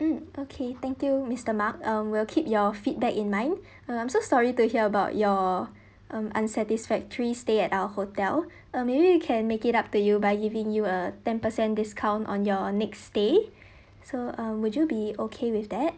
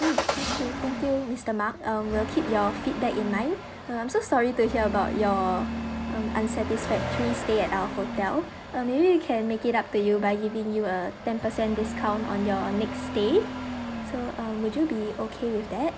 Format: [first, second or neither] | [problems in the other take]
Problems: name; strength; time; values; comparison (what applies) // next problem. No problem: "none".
first | background sound (Engine starting / Accelerating, revving, vroom / Motor vehicle (road)); 7 dB below the speech